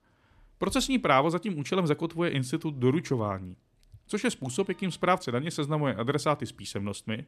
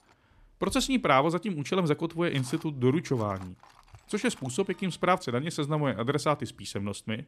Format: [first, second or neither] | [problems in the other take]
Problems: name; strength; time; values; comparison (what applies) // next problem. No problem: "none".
first | machinery noise; faint; throughout; 25 dB below the speech